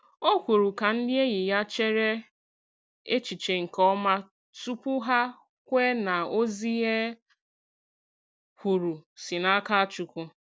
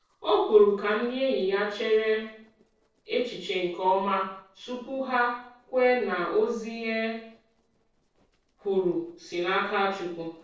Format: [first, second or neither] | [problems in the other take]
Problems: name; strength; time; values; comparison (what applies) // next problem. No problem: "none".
first | noise reduction (neural separator model SepFormer DNS4)